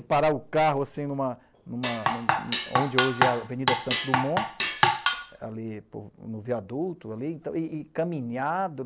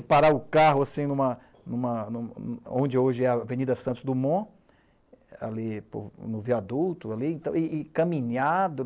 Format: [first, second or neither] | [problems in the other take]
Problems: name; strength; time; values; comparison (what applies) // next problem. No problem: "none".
second | background sound (Drum kit); 3 dB above the speech